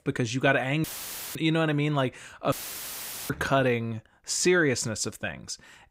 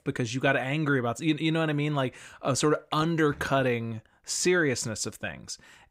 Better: second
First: audio cutting out; filled with static; at 1 s for 0.5 s and at 2.5 s for 1 s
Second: none

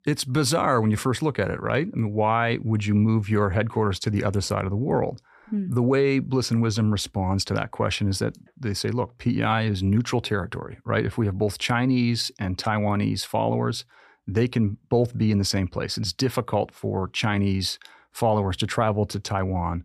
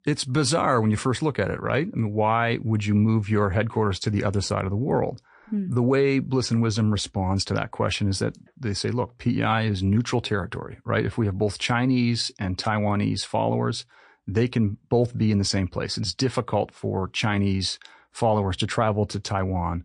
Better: first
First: none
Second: garbled, watery; slightly; nothing above 9 kHz

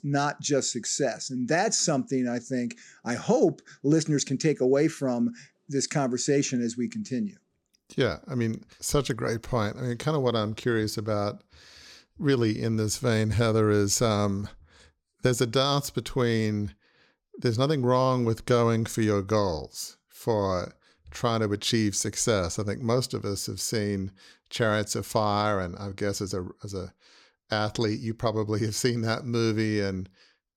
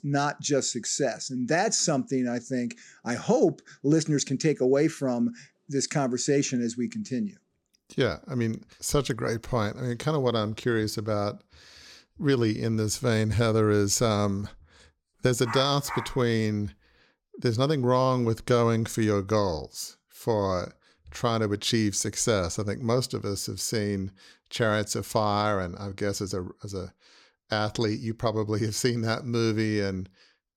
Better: first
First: none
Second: dog barking; noticeable; at 15 s; peak 8 dB below the speech

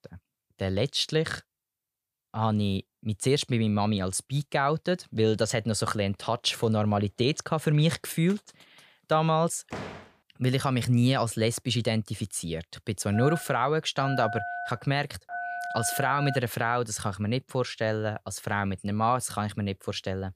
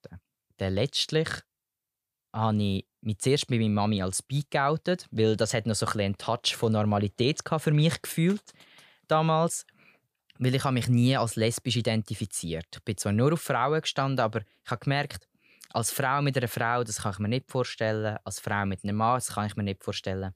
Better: second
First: door banging; faint; at 9.5 s; peak 10 dB below the speech // phone ringing; noticeable; from 13 to 16 s; peak 6 dB below the speech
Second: none

